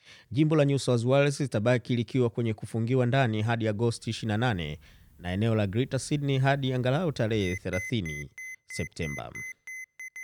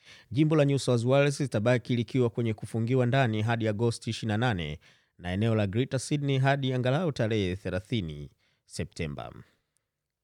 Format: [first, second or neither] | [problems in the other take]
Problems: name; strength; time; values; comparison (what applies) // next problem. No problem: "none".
second | alarms or sirens; noticeable; from 4 s on; 10 dB below the speech